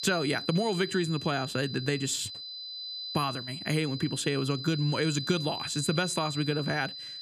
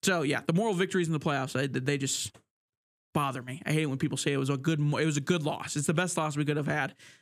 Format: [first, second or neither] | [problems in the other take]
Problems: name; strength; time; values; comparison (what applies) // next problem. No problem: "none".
second | high-pitched whine; loud; throughout; 4 kHz, 7 dB below the speech